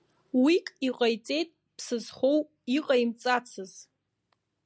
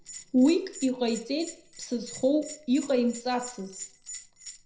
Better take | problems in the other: first | background sound (Bell); 15 dB below the speech // room echo; dies away in 0.5 s

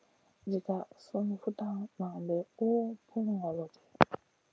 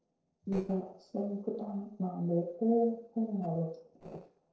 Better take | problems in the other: first | noise reduction (neural separator model SepFormer DNS4)

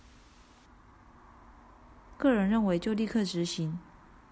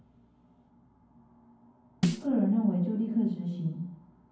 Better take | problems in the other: first | background sound (Snare drum); 2 dB below the speech // room echo; dies away in 0.9 s

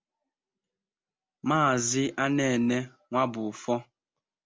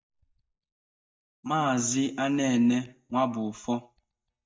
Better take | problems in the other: first | noise reduction (neural mask model DeepFilterNet 3)

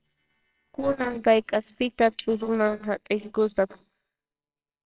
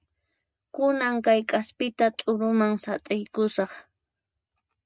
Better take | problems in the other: second | noise reduction (neural separator model SepFormer WHAMR!)

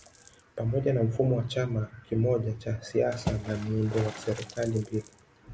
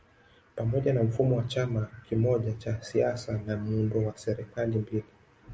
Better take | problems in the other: second | background sound (Water / Splash, splatter); 15 dB below the speech

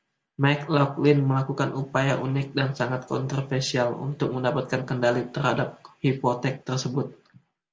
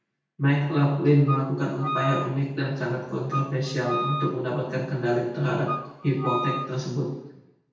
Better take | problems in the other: first | background sound (Wind instrument, woodwind instrument); 7 dB below the speech // room echo; dies away in 0.8 s

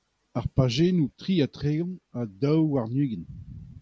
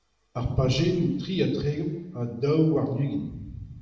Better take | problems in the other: first | room echo; dies away in 1 s

